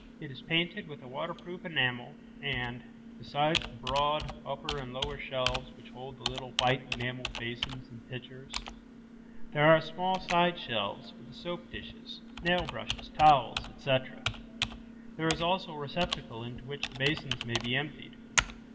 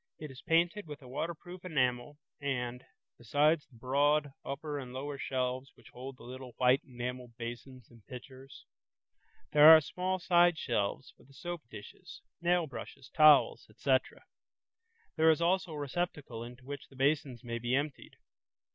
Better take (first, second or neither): second